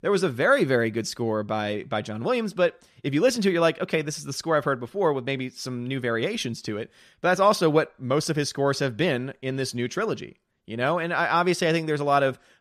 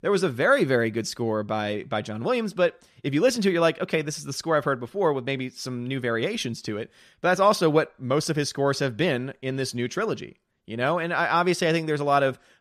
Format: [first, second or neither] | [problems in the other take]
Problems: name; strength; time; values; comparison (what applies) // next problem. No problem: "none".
neither | none